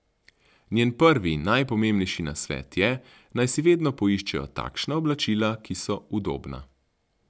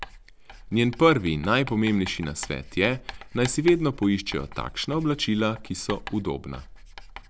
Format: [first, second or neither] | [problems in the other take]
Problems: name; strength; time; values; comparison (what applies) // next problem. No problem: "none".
first | background sound (Writing); 15 dB below the speech